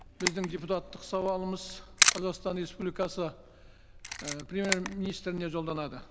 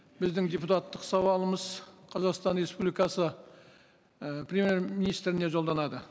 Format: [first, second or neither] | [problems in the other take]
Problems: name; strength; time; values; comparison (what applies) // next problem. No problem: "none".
second | background sound (Camera); as loud as the speech